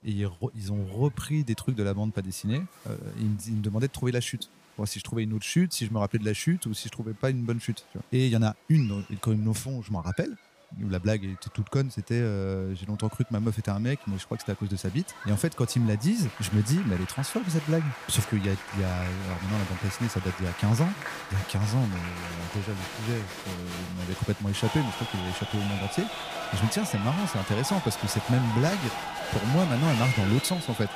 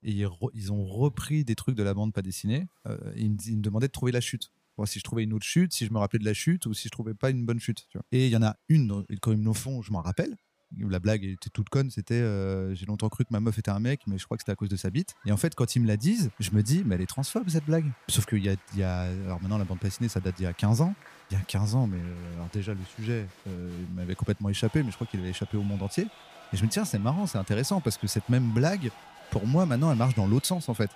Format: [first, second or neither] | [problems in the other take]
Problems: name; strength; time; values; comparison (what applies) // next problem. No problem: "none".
second | crowd noise; loud; throughout; 7 dB below the speech; faint in the second